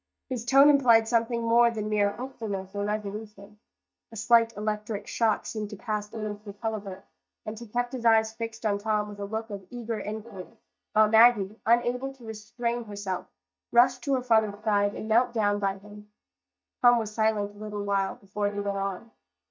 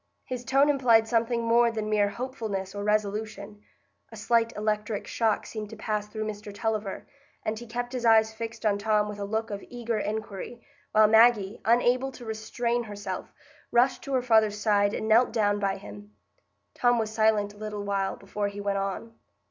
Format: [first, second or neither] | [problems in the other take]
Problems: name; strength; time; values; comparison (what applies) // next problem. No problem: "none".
second | noise reduction (neural mask model DeepFilterNet 3)